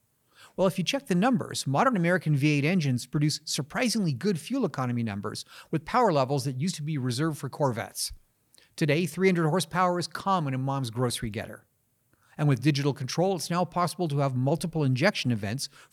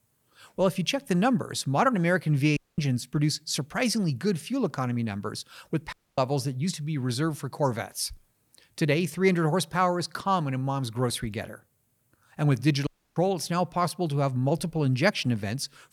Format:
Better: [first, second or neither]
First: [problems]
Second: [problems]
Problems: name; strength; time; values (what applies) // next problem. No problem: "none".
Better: first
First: none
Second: audio cutting out; at 2.5 s, at 6 s and at 13 s